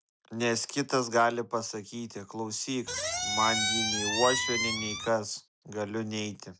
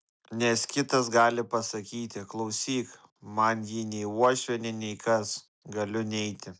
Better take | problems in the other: second | background sound (Squeak); 1 dB above the speech

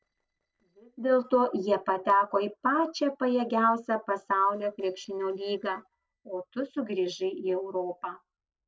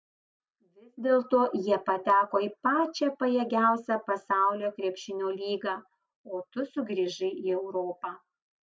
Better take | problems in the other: second | noise reduction (neural separator model SepFormer DNS4)

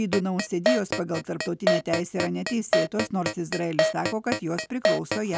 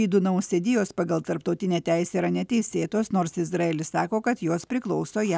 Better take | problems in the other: second | background sound (Keyboard (musical)); as loud as the speech

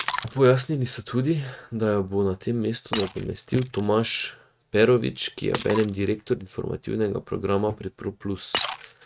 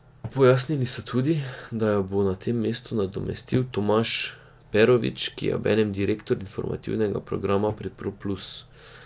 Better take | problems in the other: second | noise reduction (neural mask model RNNoise)

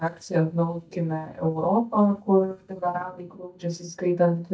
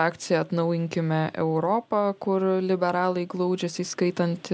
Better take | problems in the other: second | noise reduction (neural mask model DeepFilterNet 3)

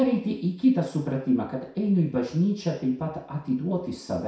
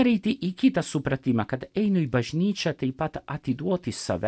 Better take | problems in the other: second | room echo; dies away in 0.6 s

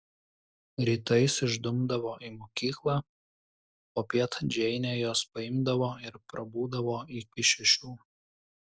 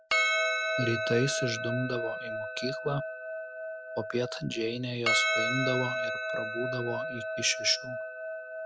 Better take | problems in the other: first | background sound (Percussion); 1 dB above the speech

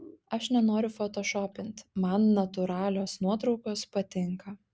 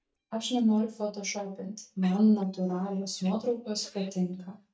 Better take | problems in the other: first | noise reduction (neural mask model DeepFilterNet 3)

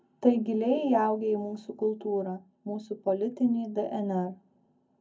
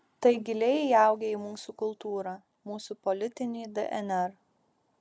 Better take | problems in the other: second | room echo; dies away in 0.3 s

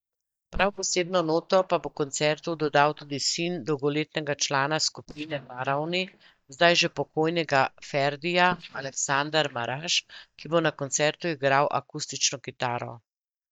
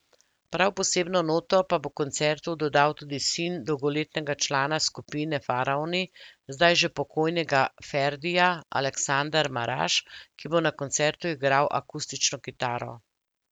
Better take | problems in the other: second | noise reduction (neural mask model DeepFilterNet 3)

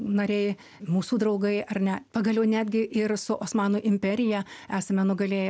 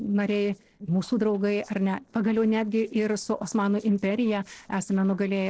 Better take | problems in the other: first | noise reduction (neural separator model SepFormer DNS4)

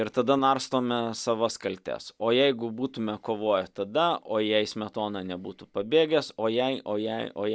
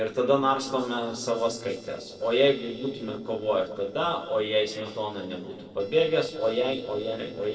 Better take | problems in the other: first | noise reduction (neural separator model SepFormer DNS4)

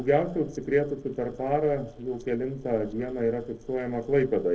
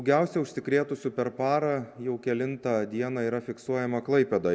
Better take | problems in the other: second | noise reduction (neural separator model SepFormer DNS4)

